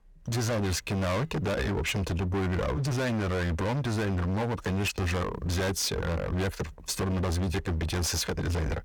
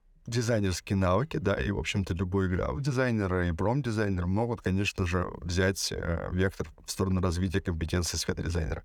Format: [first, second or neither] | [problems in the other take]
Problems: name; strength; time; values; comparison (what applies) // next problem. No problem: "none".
second | distortion; heavy; 40% of the sound clipped